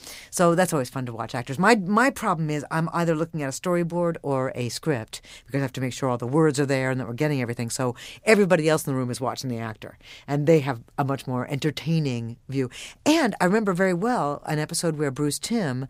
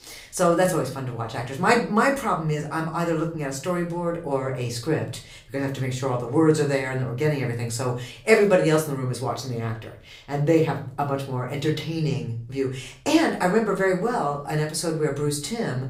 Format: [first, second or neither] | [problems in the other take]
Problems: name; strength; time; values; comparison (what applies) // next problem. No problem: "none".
first | room echo; slight; dies away in 0.4 s // off-mic speech; somewhat distant